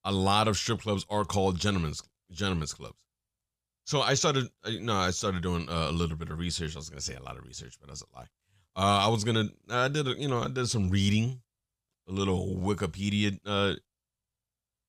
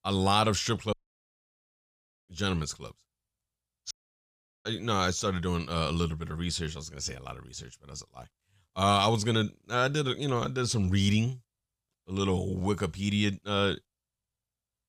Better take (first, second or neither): first